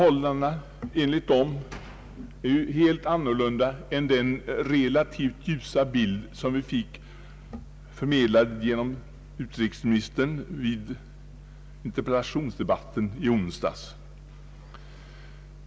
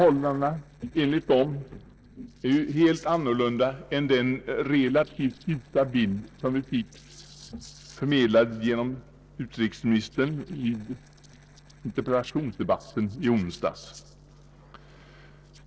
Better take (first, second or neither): first